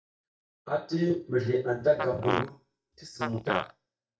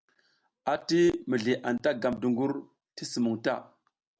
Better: second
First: noise reduction (neural mask model DeepFilterNet 3)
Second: none

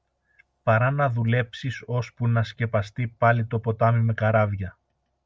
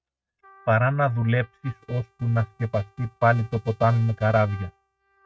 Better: first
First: none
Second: noise reduction (neural mask model RNNoise)

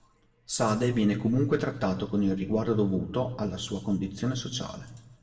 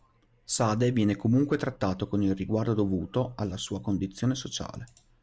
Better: second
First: room echo; dies away in 0.8 s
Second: none

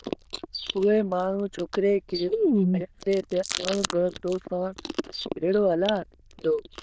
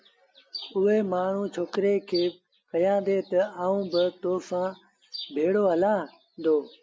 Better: second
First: noise reduction (neural diffusion model UNIVERSE++)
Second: none

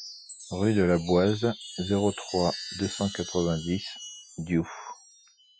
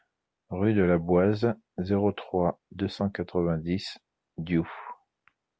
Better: second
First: noise reduction (classical method Wiener filter)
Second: none

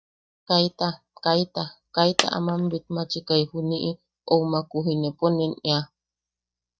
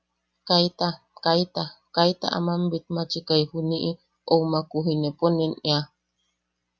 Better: second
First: noise reduction (neural mask model DeepFilterNet 3)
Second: none

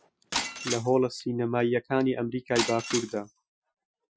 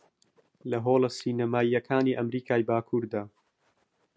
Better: second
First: noise reduction (classical method Wiener filter)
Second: none

